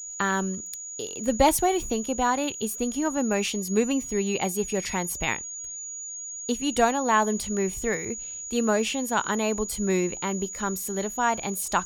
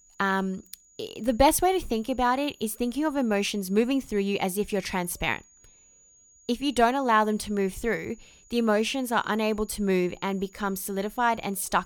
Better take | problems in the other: second | high-pitched whine; loud; throughout; 7 kHz, 8 dB below the speech; faint in the second

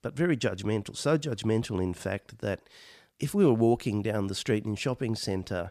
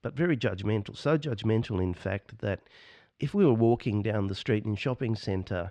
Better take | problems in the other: first | muffled; very slightly; fading above 3 kHz

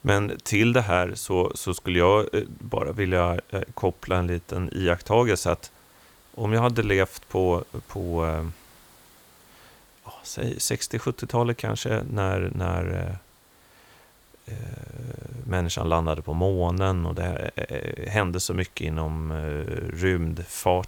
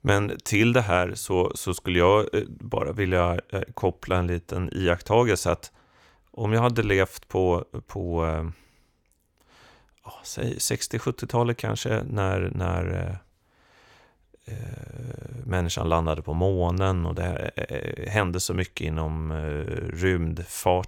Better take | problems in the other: second | hiss; faint; throughout; 30 dB below the speech

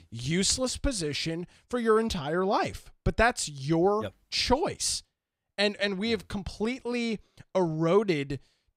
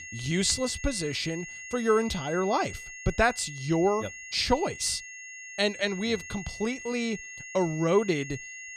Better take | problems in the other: first | high-pitched whine; noticeable; throughout; 2 kHz, 10 dB below the speech

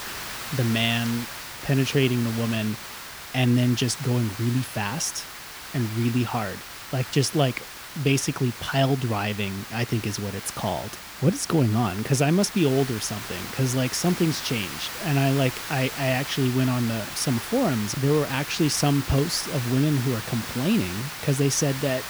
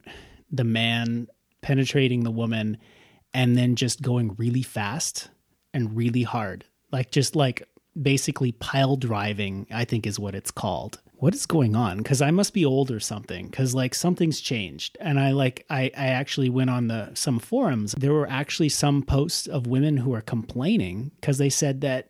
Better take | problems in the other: second | hiss; loud; throughout; 9 dB below the speech

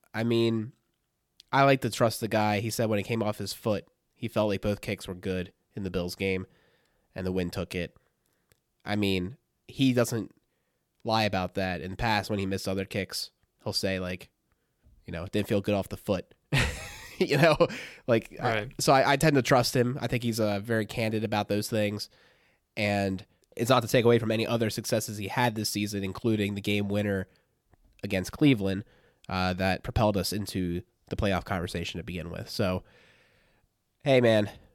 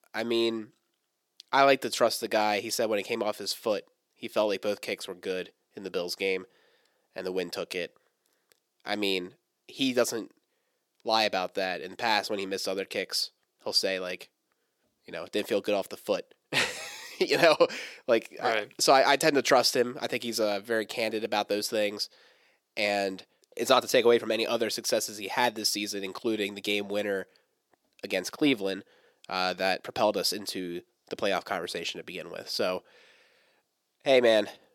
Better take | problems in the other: first | thin; somewhat; fading below 400 Hz

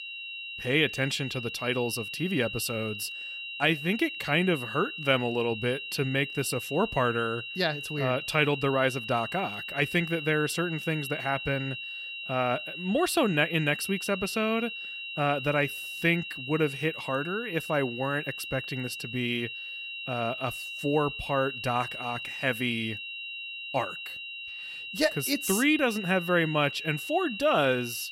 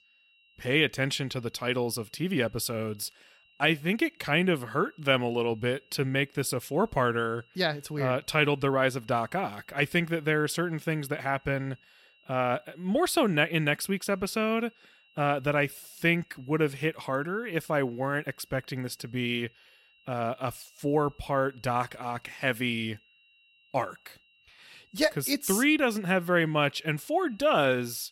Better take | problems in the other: second | high-pitched whine; loud; throughout; 3 kHz, 7 dB below the speech; faint in the second

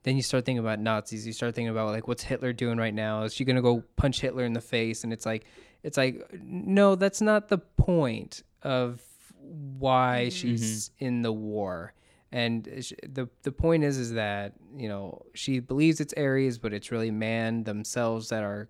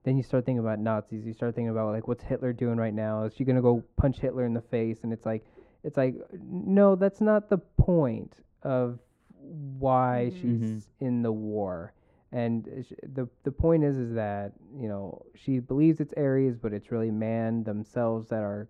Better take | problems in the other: first | muffled; very; fading above 2.5 kHz

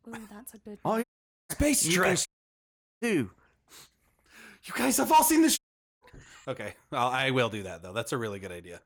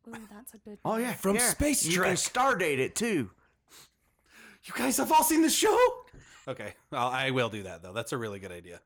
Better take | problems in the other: second | audio cutting out; at 1 s, at 2.5 s for 1 s and at 5.5 s

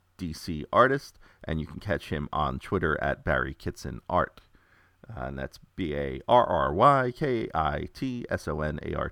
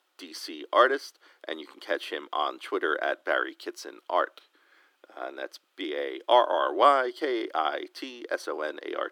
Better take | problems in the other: first | thin; very; fading below 300 Hz

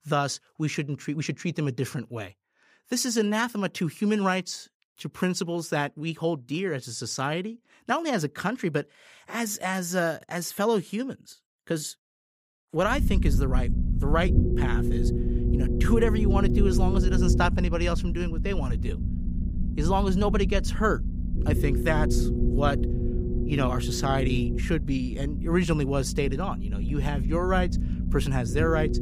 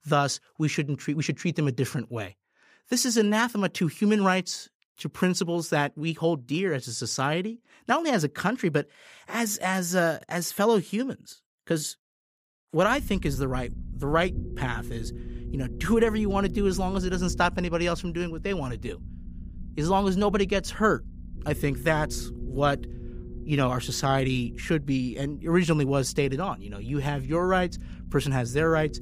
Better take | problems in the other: second | low rumble; loud; from 13 s on; 8 dB below the speech; faint in the second

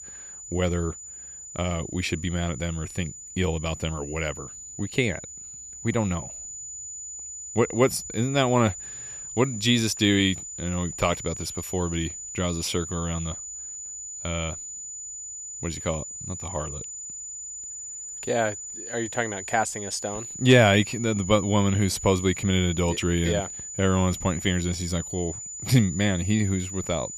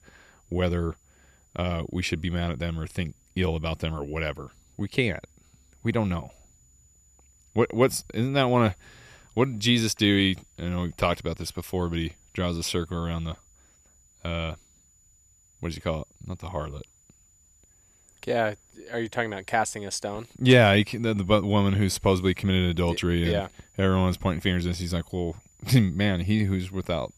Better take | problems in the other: second | high-pitched whine; loud; throughout; 7 kHz, 9 dB below the speech; faint in the second

